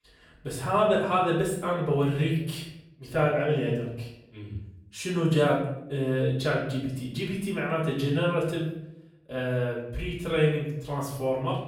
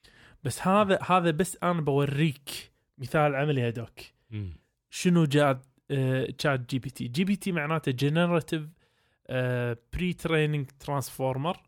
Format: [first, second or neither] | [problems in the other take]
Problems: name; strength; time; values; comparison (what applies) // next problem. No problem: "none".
second | off-mic speech; far // room echo; noticeable; dies away in 0.7 s